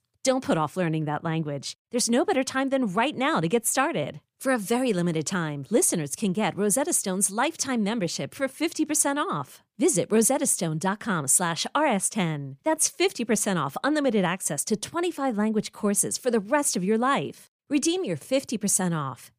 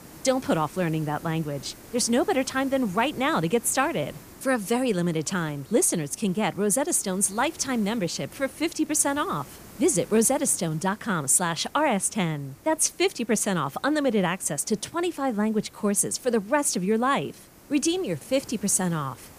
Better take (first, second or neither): first